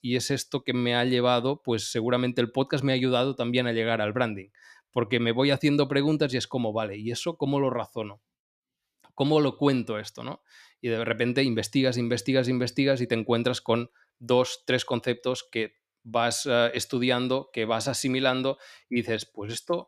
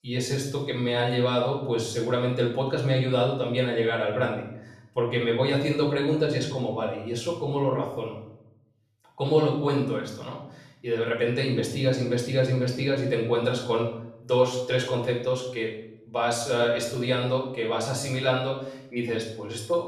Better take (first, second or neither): first